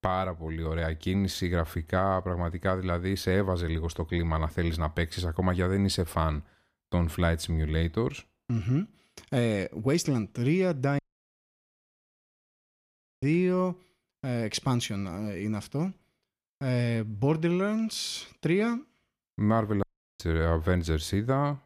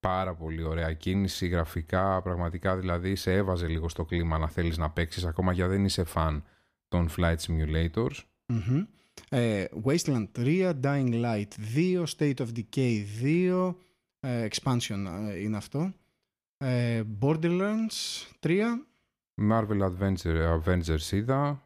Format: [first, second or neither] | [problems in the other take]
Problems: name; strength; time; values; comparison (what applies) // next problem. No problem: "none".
second | audio cutting out; at 11 s for 2 s and at 20 s